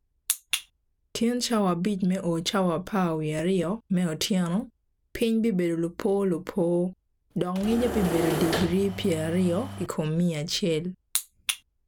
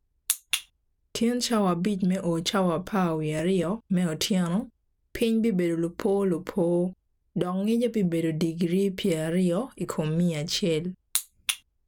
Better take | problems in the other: second | background sound (Engine / Mechanisms); 5 dB below the speech

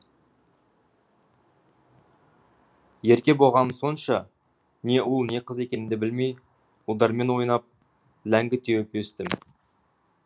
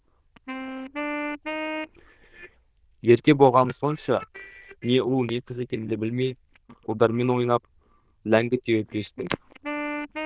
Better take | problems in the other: first | noise reduction (neural diffusion model UNIVERSE++)

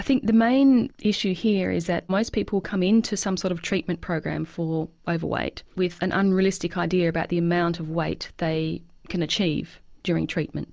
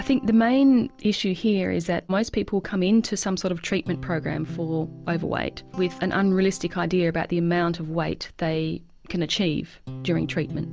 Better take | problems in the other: first | background sound (Guitar); 17 dB below the speech

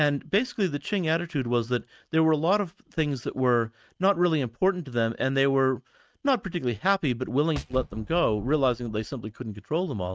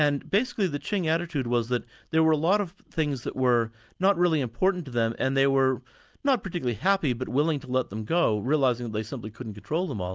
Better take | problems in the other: second | noise reduction (neural mask model RNNoise)

